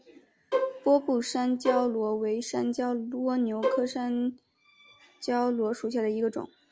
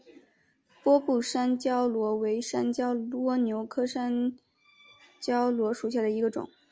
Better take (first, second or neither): second